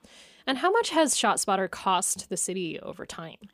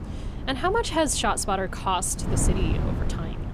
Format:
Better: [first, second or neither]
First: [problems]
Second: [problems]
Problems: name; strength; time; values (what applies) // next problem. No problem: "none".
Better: first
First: none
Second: wind noise on the microphone; occasional gusts; 15 dB below the speech